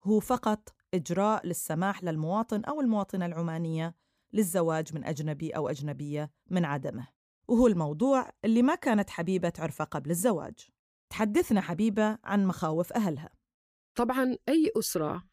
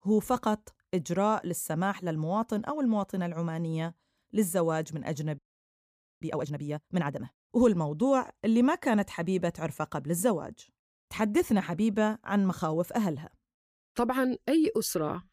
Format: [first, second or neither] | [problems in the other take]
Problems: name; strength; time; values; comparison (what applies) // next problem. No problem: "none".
first | audio freezing; at 5.5 s for 1 s